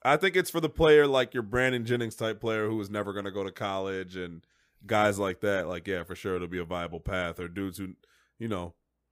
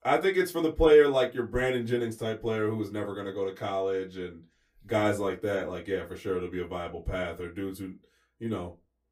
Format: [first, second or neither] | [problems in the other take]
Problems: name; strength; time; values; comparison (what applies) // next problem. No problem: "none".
first | off-mic speech; far // room echo; very slight; dies away in 0.2 s